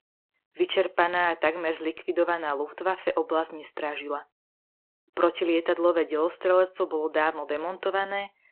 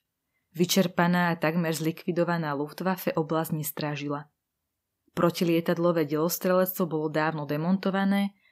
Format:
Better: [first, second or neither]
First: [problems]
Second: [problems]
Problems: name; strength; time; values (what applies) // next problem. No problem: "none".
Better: second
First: phone-call audio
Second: none